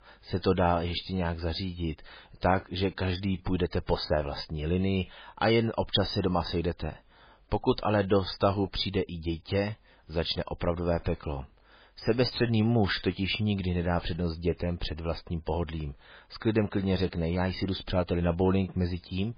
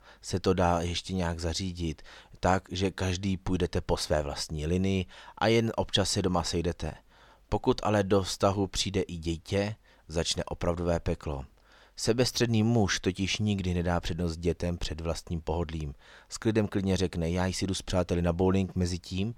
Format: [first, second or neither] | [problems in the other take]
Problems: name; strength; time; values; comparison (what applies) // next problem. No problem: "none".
second | garbled, watery; badly; nothing above 5 kHz